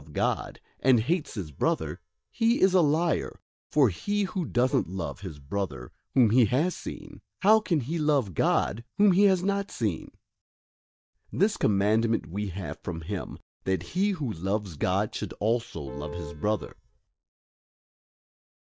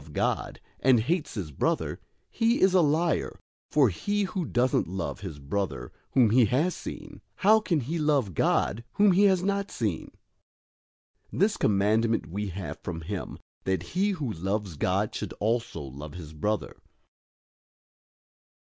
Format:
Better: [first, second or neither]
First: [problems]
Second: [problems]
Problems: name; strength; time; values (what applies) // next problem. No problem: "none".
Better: second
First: noise reduction (neural mask model DeepFilterNet 3)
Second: none